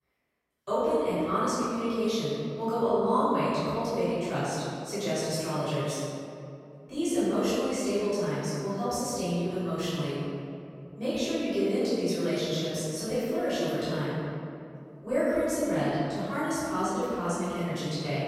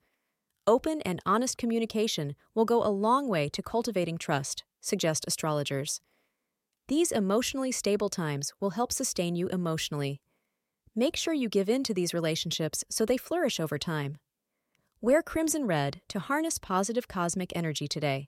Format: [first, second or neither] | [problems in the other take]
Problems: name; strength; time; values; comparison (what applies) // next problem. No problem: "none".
second | off-mic speech; far // room echo; strong; dies away in 2.4 s